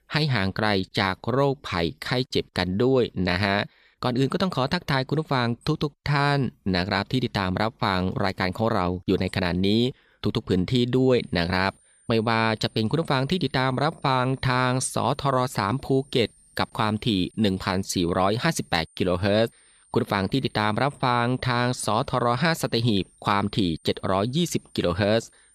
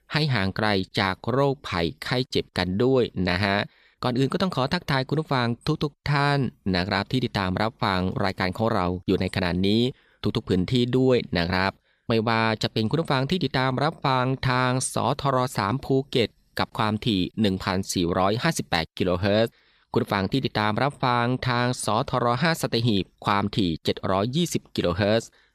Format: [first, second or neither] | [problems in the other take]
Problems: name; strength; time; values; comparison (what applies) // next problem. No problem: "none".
second | high-pitched whine; faint; from 11 s on; 9 kHz, 30 dB below the speech